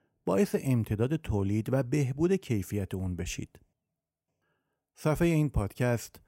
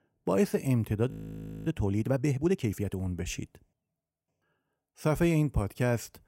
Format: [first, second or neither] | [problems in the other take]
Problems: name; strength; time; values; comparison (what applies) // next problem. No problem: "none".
first | audio freezing; at 1 s for 0.5 s